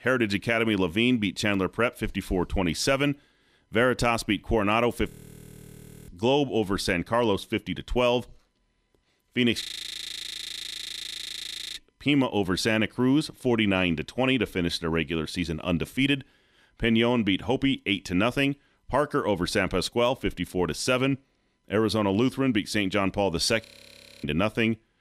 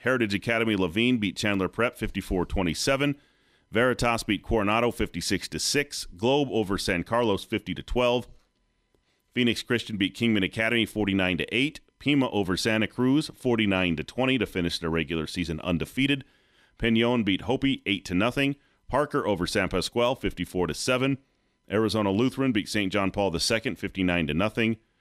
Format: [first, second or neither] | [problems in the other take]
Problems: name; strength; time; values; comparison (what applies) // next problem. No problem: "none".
second | audio freezing; at 5 s for 1 s, at 9.5 s for 2 s and at 24 s for 0.5 s